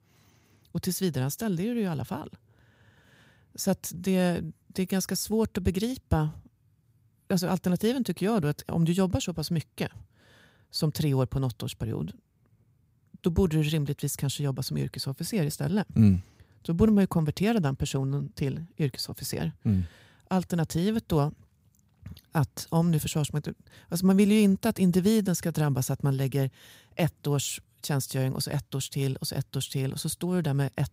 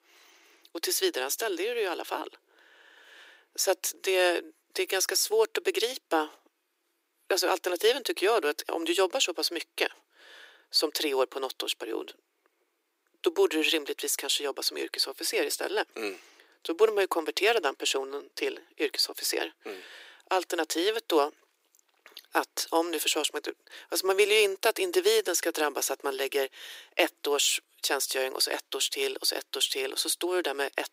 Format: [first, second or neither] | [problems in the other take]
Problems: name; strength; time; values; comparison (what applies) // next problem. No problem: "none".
first | thin; very; fading below 300 Hz